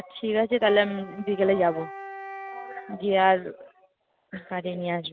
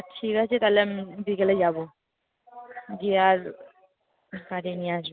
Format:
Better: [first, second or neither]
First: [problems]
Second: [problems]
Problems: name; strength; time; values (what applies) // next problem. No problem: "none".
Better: second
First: background sound (Wind instrument, woodwind instrument); 15 dB below the speech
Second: none